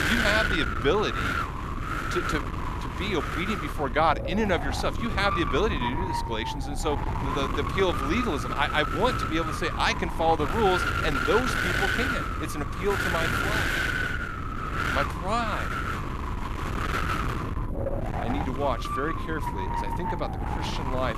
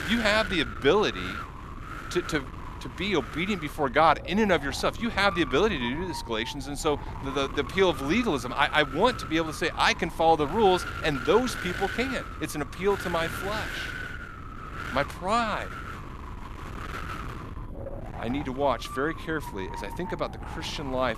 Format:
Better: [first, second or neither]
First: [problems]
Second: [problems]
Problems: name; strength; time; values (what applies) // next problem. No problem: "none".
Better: second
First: wind noise on the microphone; heavy; 1 dB below the speech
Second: wind noise on the microphone; occasional gusts; 10 dB below the speech